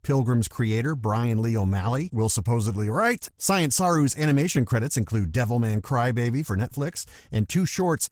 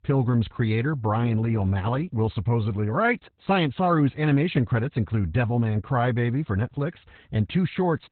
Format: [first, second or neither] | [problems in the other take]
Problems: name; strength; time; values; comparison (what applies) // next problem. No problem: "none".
first | garbled, watery; badly; nothing above 4 kHz; slightly in the first